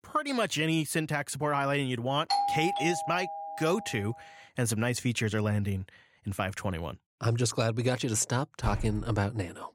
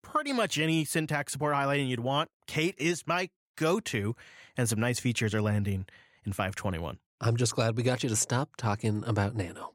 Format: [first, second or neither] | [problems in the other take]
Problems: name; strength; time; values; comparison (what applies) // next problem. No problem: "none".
second | doorbell; loud; from 2.5 to 4 s; peak 2 dB above the speech // door banging; noticeable; at 8.5 s; peak 7 dB below the speech